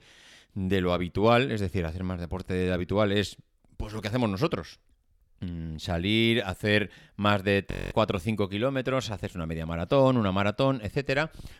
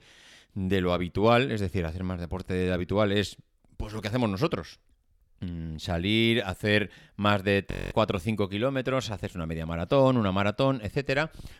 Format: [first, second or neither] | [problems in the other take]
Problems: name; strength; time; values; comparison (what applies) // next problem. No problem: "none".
neither | audio freezing; at 7.5 s; the same in both